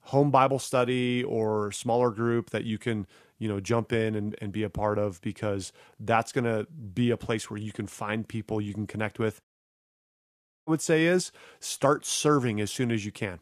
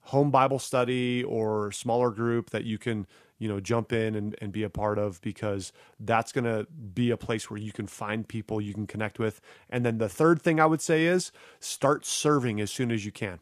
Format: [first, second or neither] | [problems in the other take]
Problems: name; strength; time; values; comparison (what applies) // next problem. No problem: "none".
second | audio cutting out; at 9.5 s for 1 s